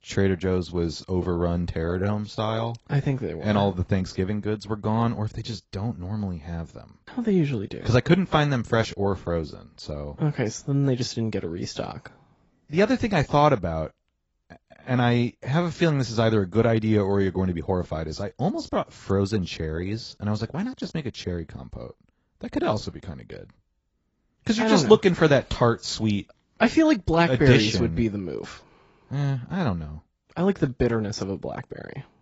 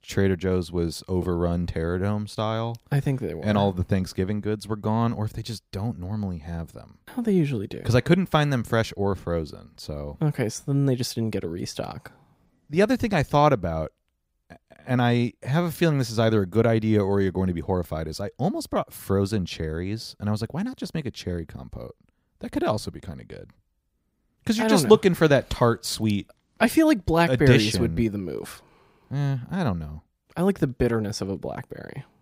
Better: second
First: garbled, watery; badly; nothing above 7.5 kHz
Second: none

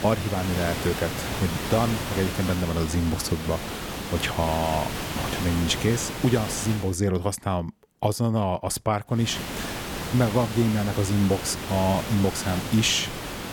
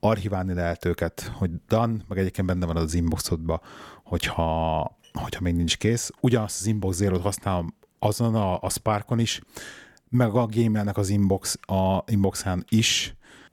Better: second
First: hiss; loud; until 7 s and from 9 s on; 6 dB below the speech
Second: none

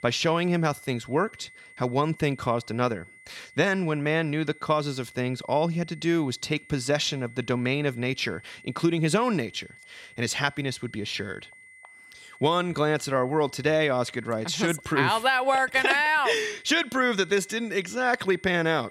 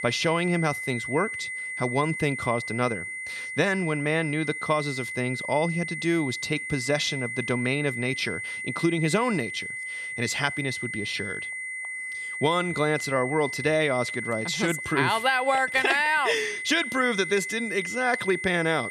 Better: first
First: high-pitched whine; faint; throughout; 2 kHz, 25 dB below the speech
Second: high-pitched whine; loud; throughout; 2 kHz, 6 dB below the speech

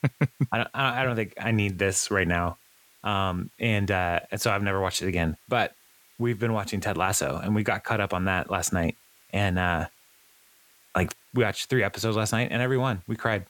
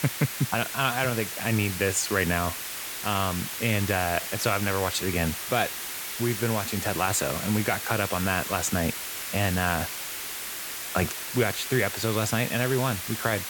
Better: first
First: hiss; faint; throughout; 30 dB below the speech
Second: hiss; loud; throughout; 5 dB below the speech

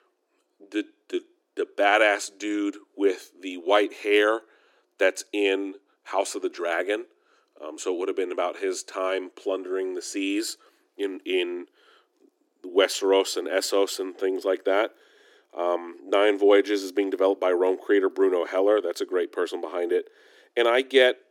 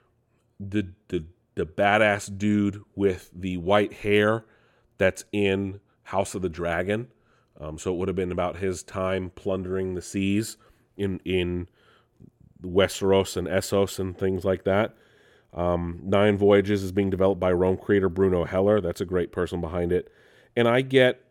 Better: second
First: thin; somewhat; fading below 300 Hz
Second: none

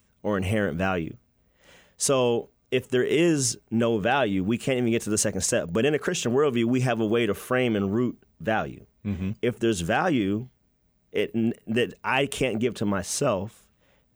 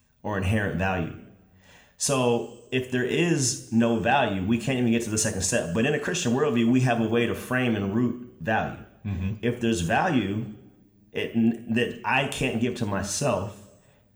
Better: first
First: none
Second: room echo; slight; dies away in 0.6 s

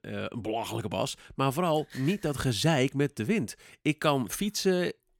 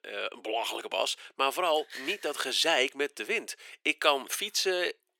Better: first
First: none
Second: thin; very; fading below 400 Hz

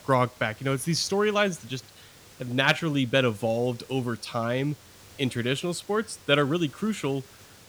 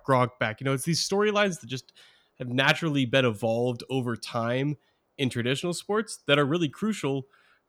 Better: second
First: hiss; faint; throughout; 25 dB below the speech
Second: none

